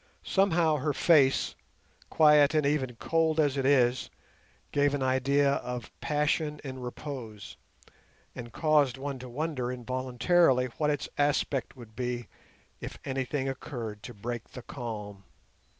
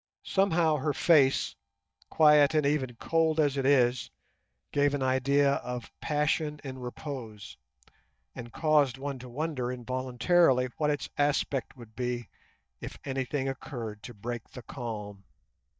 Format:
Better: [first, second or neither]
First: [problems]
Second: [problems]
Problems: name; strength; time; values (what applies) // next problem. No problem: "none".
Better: first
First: none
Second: noise reduction (neural mask model DeepFilterNet 3)